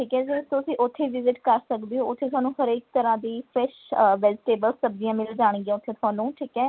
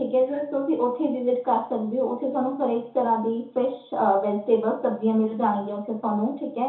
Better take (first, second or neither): first